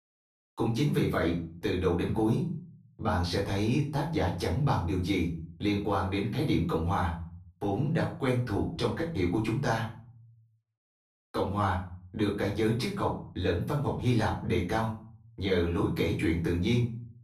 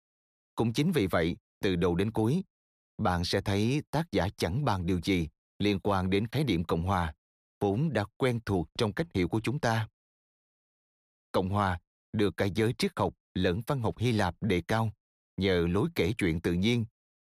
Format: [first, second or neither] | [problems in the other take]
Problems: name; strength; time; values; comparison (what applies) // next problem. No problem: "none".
second | off-mic speech; far // room echo; slight; dies away in 0.4 s